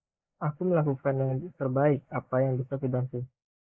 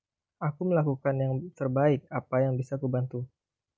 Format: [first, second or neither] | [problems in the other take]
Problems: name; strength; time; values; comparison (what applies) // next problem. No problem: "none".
second | noise reduction (neural mask model Resemble Enhance denoiser)